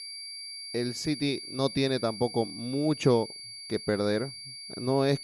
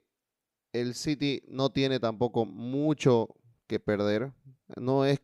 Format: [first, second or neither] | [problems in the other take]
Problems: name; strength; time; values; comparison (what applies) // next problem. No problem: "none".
second | high-pitched whine; loud; throughout; 4.5 kHz, 10 dB below the speech